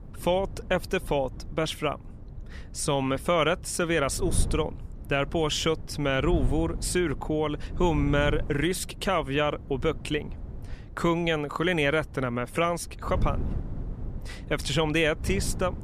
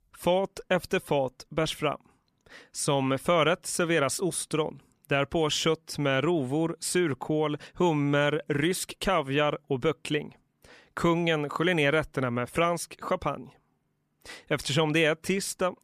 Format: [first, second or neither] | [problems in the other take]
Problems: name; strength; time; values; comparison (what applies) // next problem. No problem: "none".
second | wind noise on the microphone; occasional gusts; 20 dB below the speech